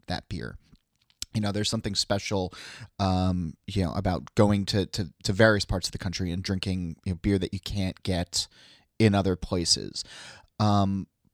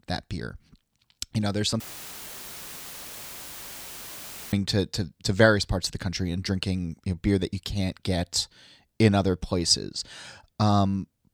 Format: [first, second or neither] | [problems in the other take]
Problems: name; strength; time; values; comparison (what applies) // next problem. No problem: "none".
first | audio cutting out; filled with static; at 2 s for 2.5 s